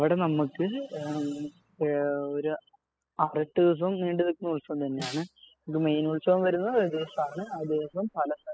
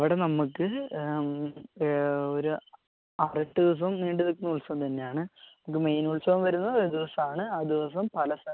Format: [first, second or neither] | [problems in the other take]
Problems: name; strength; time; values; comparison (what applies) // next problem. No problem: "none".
second | noise reduction (classical method spectral subtraction)